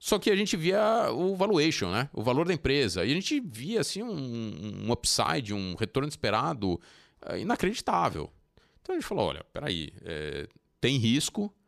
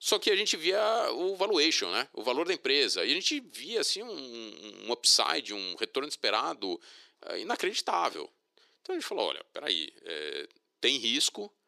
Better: first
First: none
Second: thin; somewhat; fading below 350 Hz

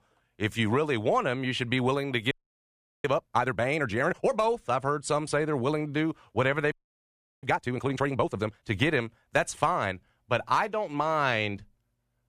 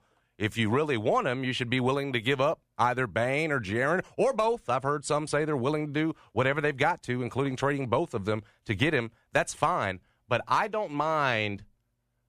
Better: second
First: audio freezing; at 2.5 s for 0.5 s and at 6.5 s for 0.5 s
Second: none

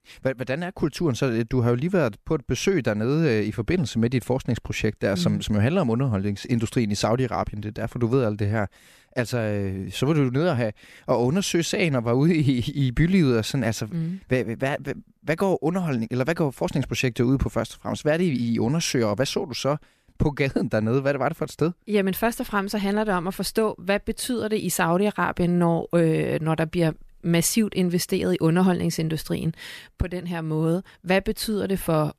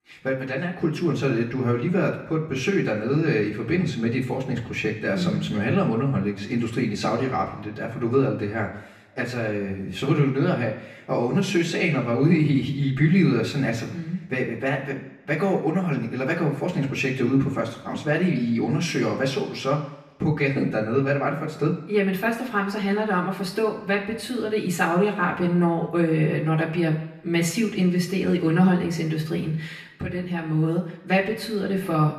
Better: first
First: none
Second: room echo; slight; dies away in 0.9 s // off-mic speech; far

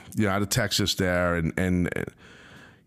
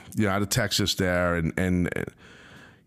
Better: neither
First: none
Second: none

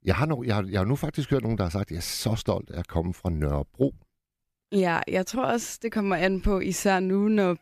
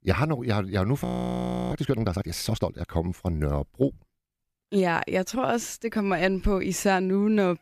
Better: first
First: none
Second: audio freezing; at 1 s for 0.5 s

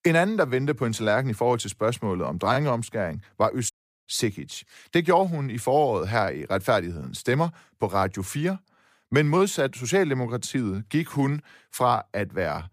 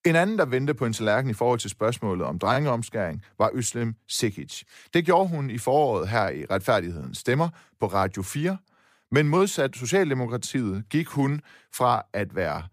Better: second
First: audio cutting out; at 3.5 s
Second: none

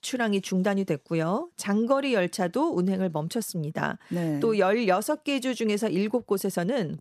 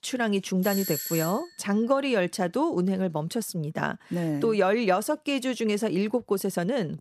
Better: first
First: none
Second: doorbell; noticeable; at 0.5 s; peak 4 dB below the speech

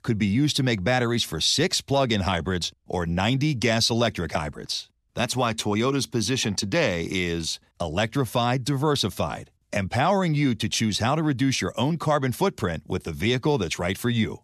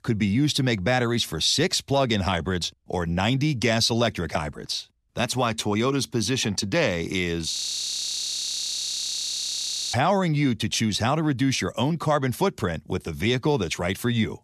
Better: first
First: none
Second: audio freezing; at 7.5 s for 2.5 s

